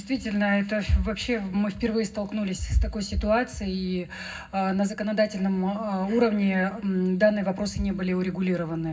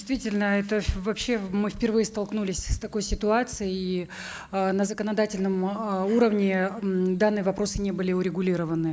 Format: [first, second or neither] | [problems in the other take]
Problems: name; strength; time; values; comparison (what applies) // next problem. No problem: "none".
second | room echo; dies away in 0.4 s